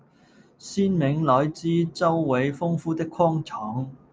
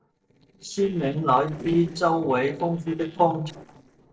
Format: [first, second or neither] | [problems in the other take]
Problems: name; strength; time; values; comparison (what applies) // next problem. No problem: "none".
first | noise reduction (neural separator model SepFormer DNS4)